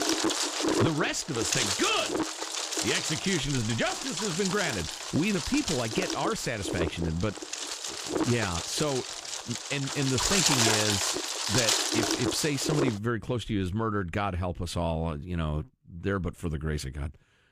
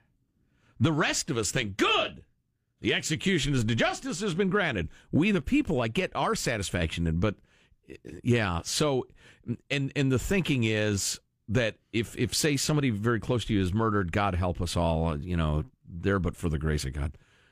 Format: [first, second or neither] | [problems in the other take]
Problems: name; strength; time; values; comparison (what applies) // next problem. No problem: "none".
second | wind noise on the microphone; heavy; until 13 s; 2 dB above the speech